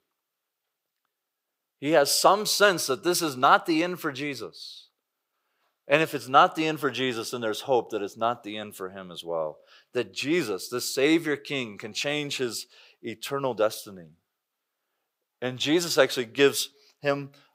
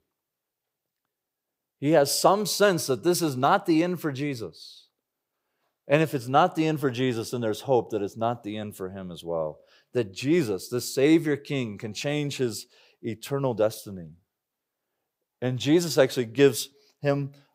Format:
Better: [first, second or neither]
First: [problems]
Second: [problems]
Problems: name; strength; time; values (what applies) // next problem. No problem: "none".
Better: second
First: thin; very slightly; fading below 800 Hz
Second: none